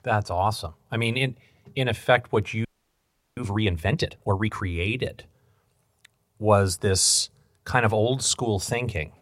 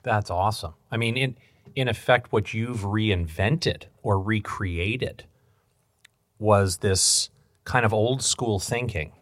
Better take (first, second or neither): second